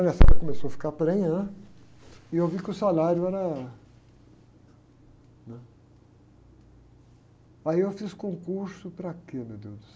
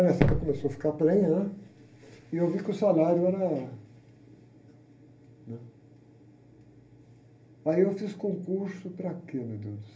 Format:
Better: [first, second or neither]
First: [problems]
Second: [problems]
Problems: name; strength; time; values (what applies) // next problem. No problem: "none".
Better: first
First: none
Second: room echo; dies away in 0.3 s